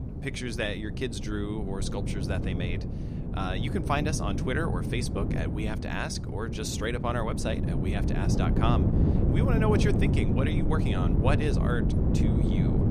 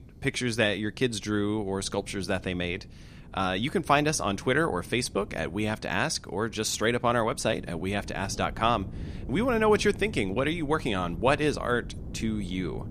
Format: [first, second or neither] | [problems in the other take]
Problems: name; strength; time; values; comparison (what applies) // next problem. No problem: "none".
second | wind noise on the microphone; heavy; 3 dB below the speech; occasional gusts in the second